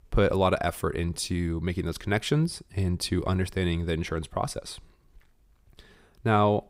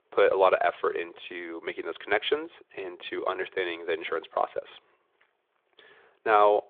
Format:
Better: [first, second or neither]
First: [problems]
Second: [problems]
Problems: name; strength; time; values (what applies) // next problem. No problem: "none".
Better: first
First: none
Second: phone-call audio; nothing above 3.5 kHz